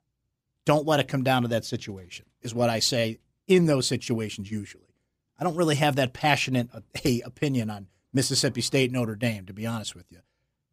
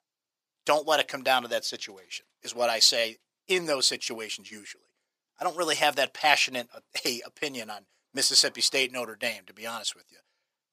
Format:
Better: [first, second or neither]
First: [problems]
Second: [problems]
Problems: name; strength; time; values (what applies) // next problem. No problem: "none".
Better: first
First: none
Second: thin; very; fading below 650 Hz